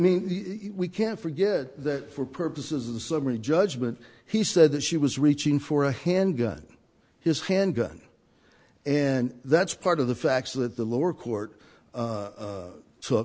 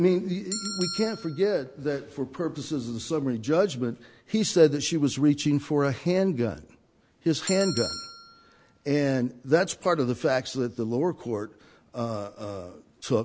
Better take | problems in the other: first | background sound (Bell); 11 dB below the speech

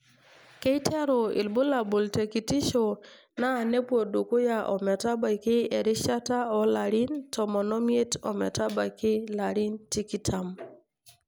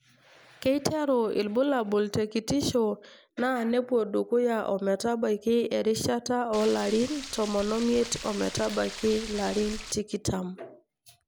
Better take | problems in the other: first | background sound (Stream); 12 dB below the speech

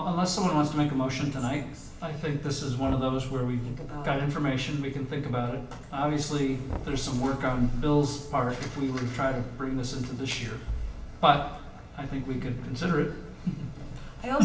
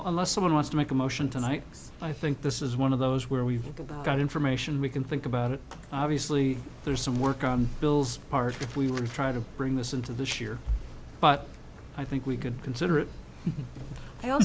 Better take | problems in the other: second | background sound (Knock); 15 dB below the speech // room echo; dies away in 0.8 s

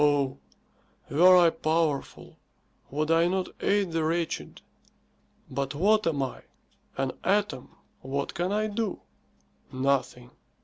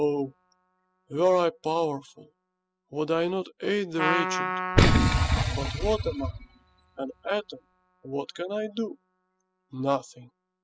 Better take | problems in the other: first | noise reduction (classical method spectral subtraction)

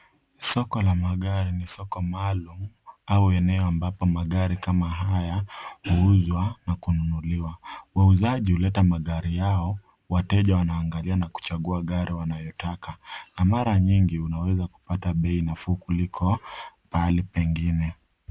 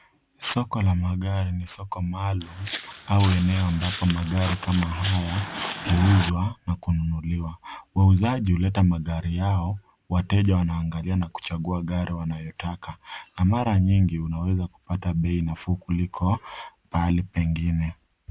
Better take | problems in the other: first | background sound (Walk, footsteps); 10 dB below the speech

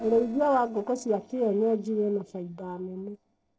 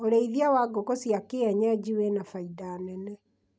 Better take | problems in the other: second | noise reduction (neural separator model SepFormer DNS4)

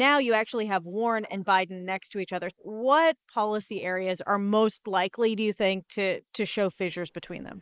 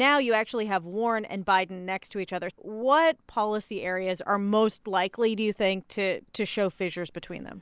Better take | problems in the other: second | noise reduction (neural mask model Resemble Enhance denoiser)

